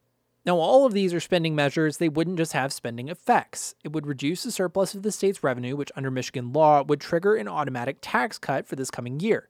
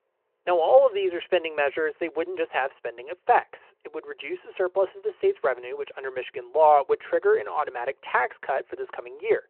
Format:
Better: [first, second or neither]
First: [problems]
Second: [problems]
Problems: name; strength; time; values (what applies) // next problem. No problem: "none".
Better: first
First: none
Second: phone-call audio